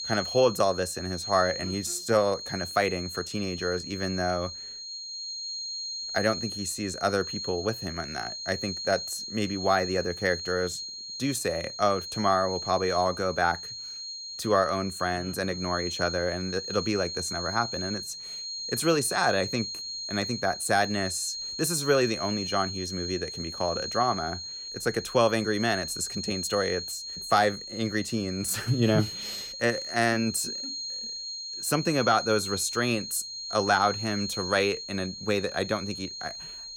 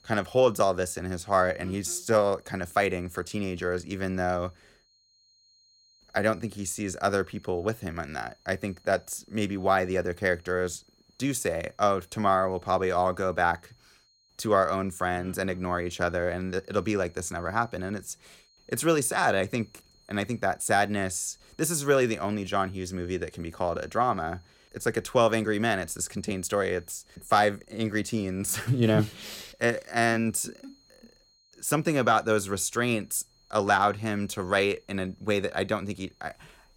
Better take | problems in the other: second | high-pitched whine; loud; throughout; 4 kHz, 6 dB below the speech; faint in the second

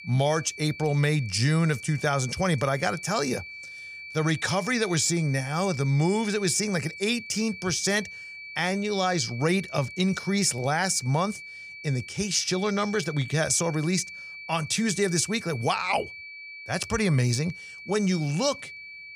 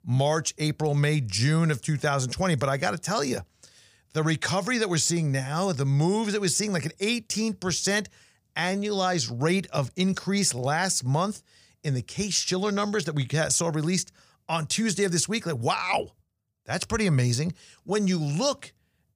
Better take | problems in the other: second | high-pitched whine; noticeable; throughout; 2.5 kHz, 15 dB below the speech

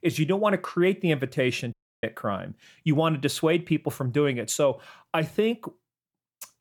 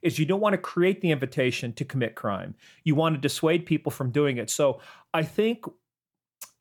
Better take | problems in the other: second | audio cutting out; at 1.5 s

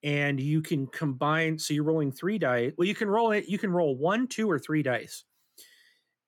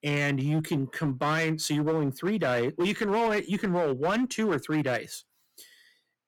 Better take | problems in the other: first | distortion; slight; 13% of the sound clipped

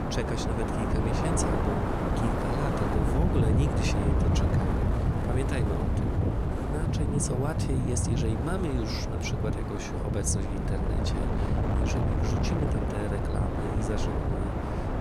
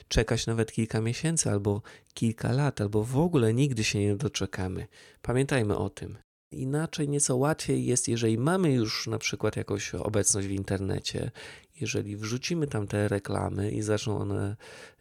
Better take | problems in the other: second | wind noise on the microphone; heavy; 3 dB above the speech

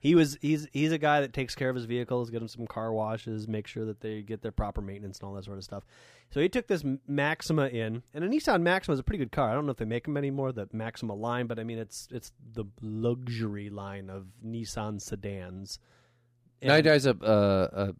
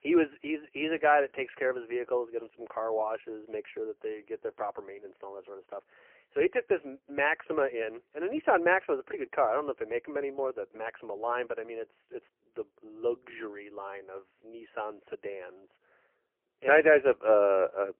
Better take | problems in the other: first | phone-call audio; poor line; nothing above 3 kHz

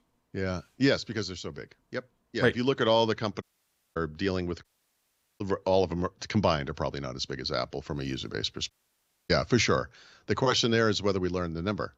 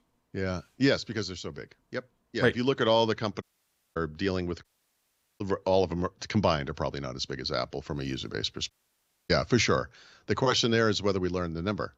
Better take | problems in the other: neither | audio cutting out; at 3.5 s for 0.5 s, at 4.5 s for 1 s and at 8.5 s for 0.5 s; the same in both

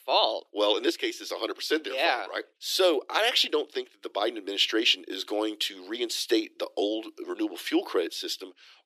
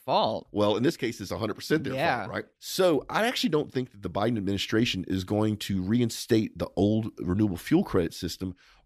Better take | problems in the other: second | thin; very; fading below 350 Hz

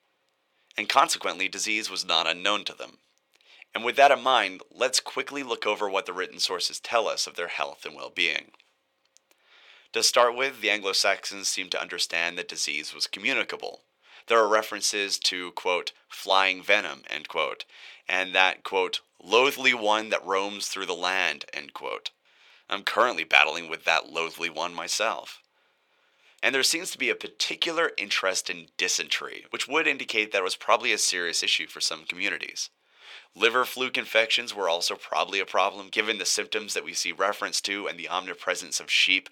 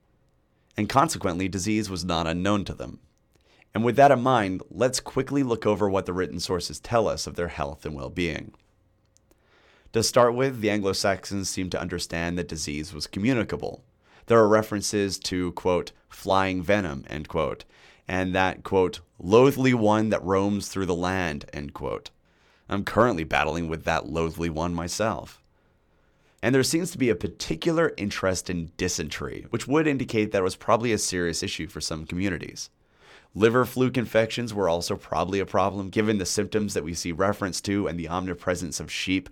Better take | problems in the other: second | thin; very; fading below 600 Hz

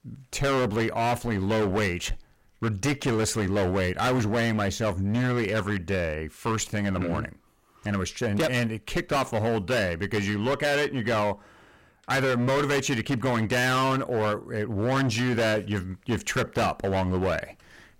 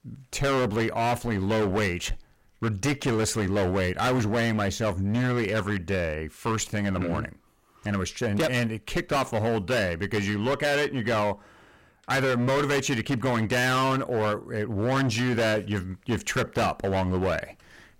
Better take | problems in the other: neither | distortion; heavy; 19% of the sound clipped; the same in both

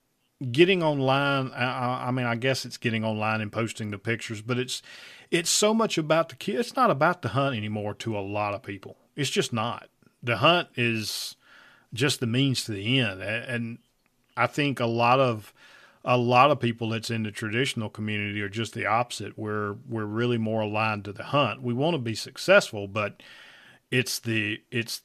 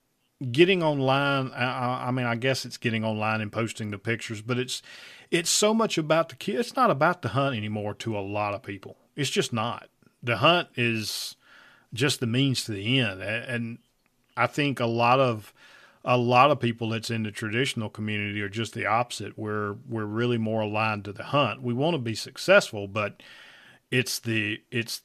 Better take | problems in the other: neither | none

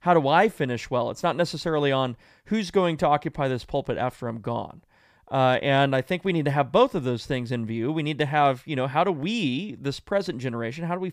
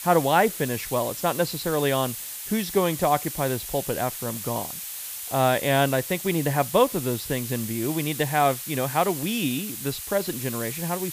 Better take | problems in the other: first | hiss; loud; throughout; 7 dB below the speech

